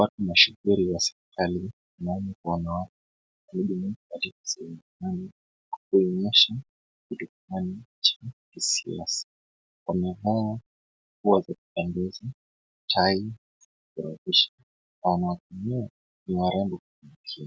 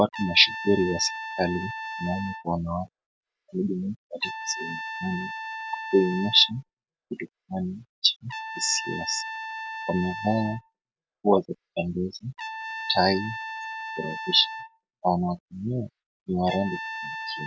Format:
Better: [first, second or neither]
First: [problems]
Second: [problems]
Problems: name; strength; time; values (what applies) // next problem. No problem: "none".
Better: first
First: none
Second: background sound (Trumpet); 9 dB below the speech